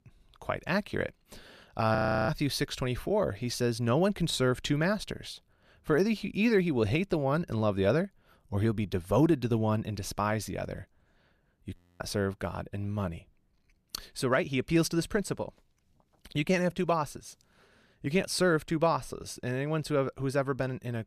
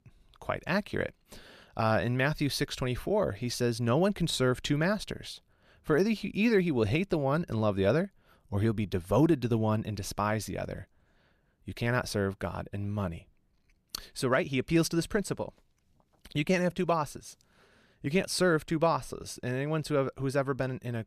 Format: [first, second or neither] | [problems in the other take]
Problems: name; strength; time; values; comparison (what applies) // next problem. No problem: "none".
second | audio freezing; at 2 s and at 12 s